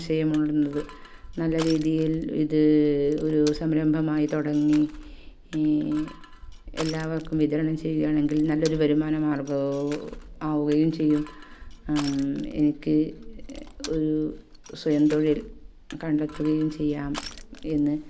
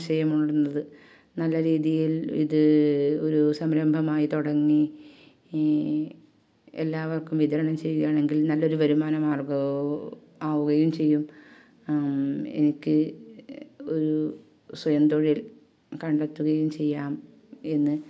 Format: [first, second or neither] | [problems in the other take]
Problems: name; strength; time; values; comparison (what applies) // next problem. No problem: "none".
second | background sound (Crushing); 16 dB below the speech